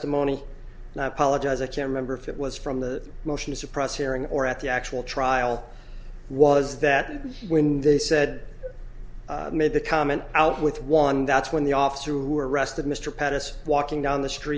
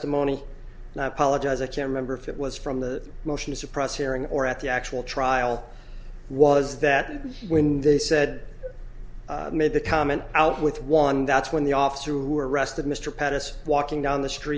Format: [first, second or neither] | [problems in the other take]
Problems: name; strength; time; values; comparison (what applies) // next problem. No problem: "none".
first | background sound (Bowed string instrument); 17 dB below the speech